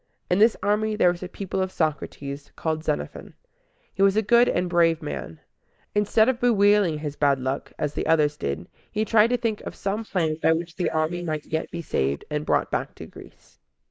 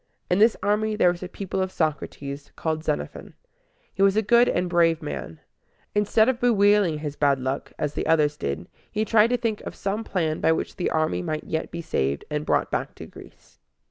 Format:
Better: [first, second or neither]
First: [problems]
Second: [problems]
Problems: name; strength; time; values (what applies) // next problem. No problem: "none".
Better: second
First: noise reduction (neural mask model Resemble Enhance denoiser)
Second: none